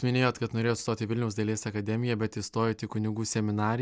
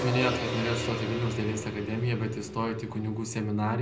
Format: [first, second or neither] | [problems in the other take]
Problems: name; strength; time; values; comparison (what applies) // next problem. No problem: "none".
first | background sound (Gong); 7 dB below the speech // room echo; dies away in 0.5 s